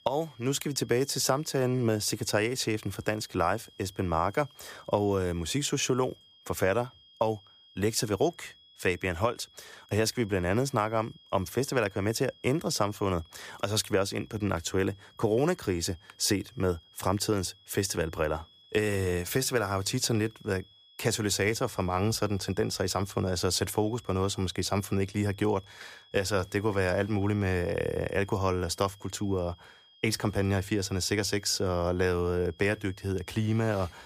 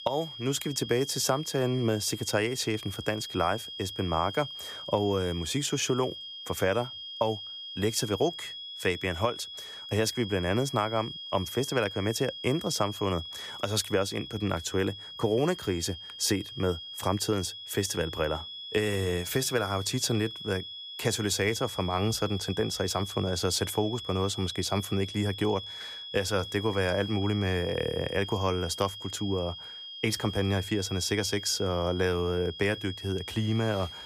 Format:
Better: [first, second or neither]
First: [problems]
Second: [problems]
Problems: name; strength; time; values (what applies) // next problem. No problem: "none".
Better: first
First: high-pitched whine; faint; throughout; 3.5 kHz, 25 dB below the speech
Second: high-pitched whine; loud; throughout; 3.5 kHz, 9 dB below the speech